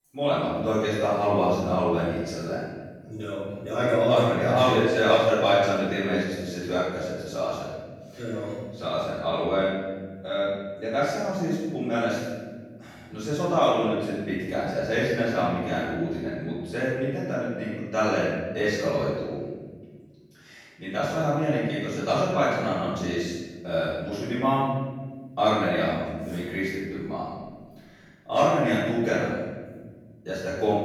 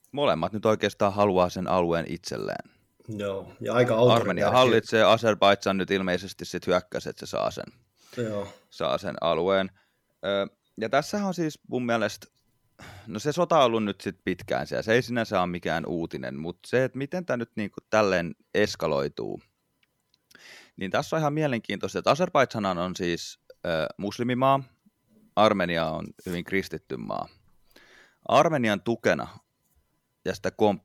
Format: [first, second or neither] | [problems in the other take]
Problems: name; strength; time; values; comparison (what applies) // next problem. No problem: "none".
second | off-mic speech; far // room echo; strong; dies away in 1.4 s